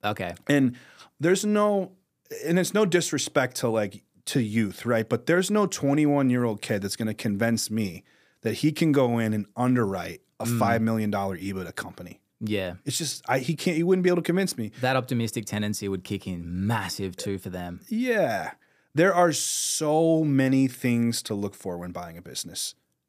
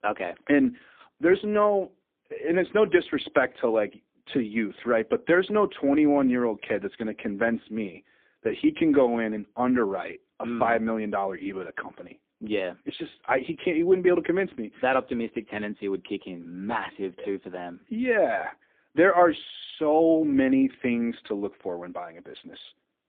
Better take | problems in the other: first | phone-call audio; poor line; nothing above 3.5 kHz

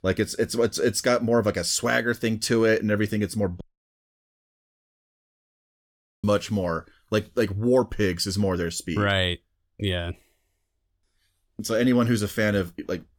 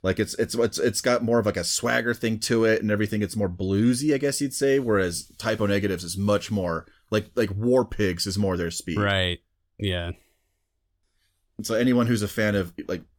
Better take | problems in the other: second | audio cutting out; at 3.5 s for 2.5 s

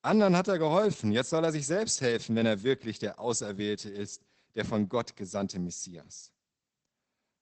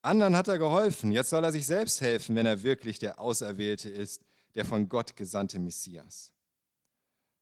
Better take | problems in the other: second | garbled, watery; badly; nothing above 8 kHz; slightly in the second

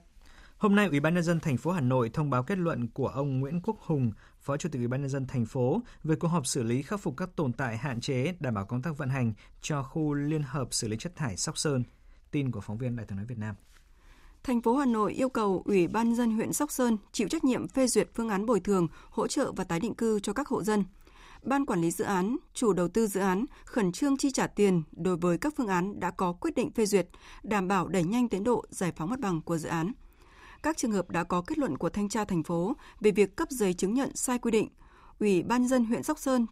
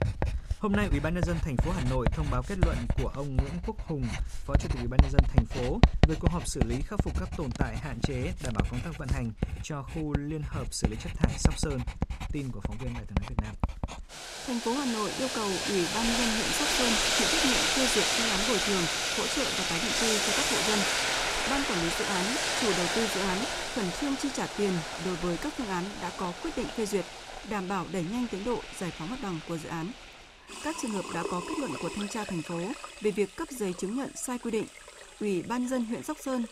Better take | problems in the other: first | household noises; very loud; throughout; 4 dB above the speech

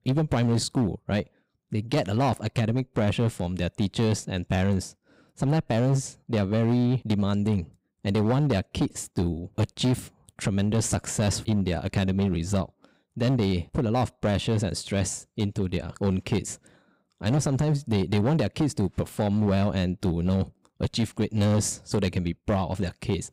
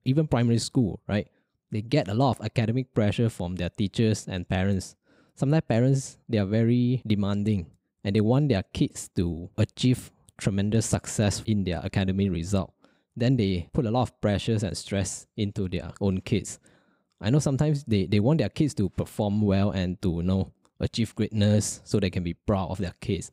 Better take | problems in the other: second | distortion; slight; 9% of the sound clipped

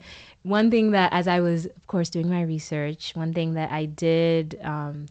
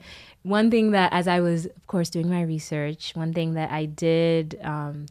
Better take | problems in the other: second | garbled, watery; slightly; nothing above 8 kHz

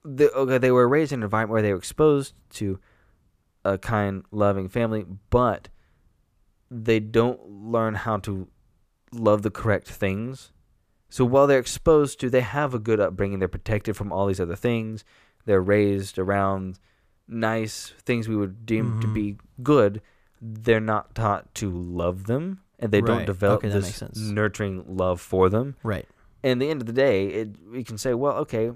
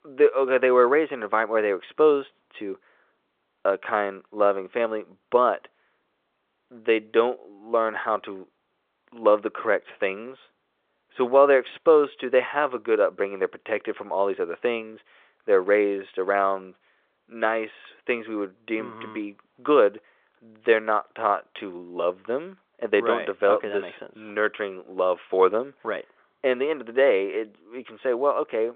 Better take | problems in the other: first | phone-call audio

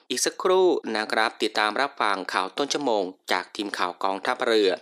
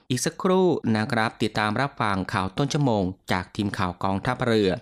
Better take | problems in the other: second | thin; somewhat; fading below 350 Hz

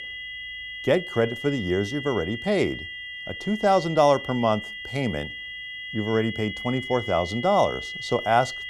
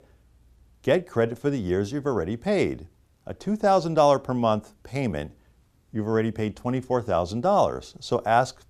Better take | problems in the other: second | high-pitched whine; loud; throughout; 2 kHz, 9 dB below the speech

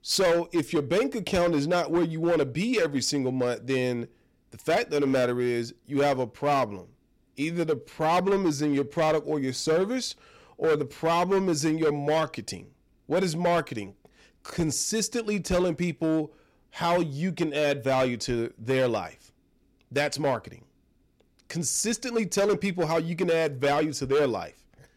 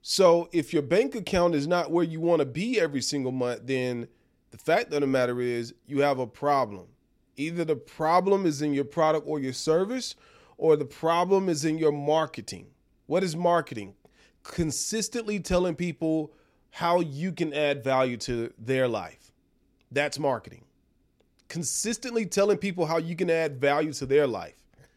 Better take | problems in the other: second | distortion; slight; 8% of the sound clipped

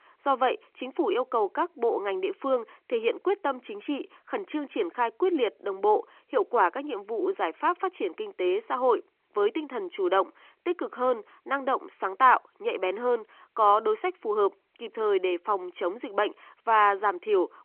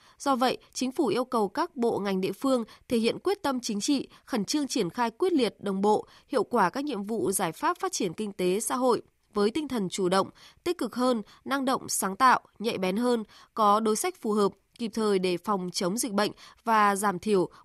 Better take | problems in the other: second | phone-call audio

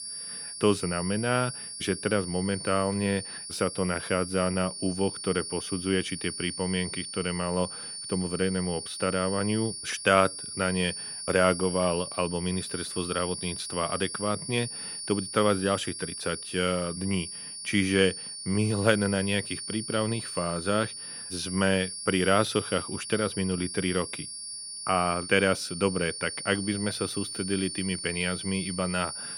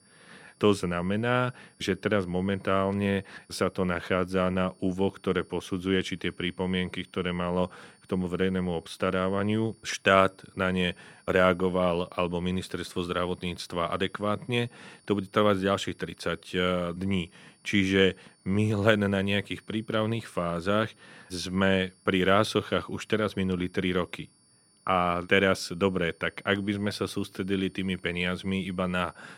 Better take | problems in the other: second | high-pitched whine; loud; throughout; 9.5 kHz, 7 dB below the speech; faint in the second

